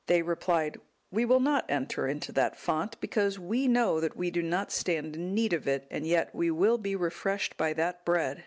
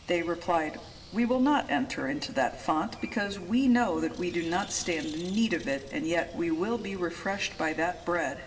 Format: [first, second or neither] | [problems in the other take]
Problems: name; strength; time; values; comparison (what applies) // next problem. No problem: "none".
first | background sound (Bird); 18 dB below the speech // room echo; dies away in 2.4 s